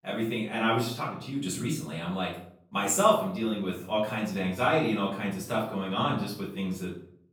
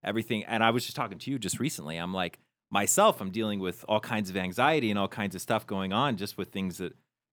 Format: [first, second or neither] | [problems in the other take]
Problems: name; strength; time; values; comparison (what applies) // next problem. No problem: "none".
second | off-mic speech; far // room echo; noticeable; dies away in 0.5 s